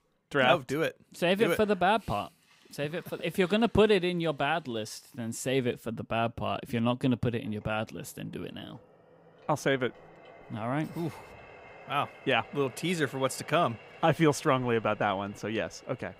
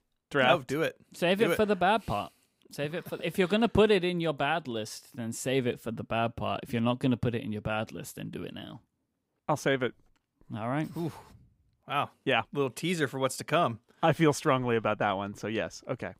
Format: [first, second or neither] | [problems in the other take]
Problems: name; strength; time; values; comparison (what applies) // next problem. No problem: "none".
second | household noises; faint; throughout; 25 dB below the speech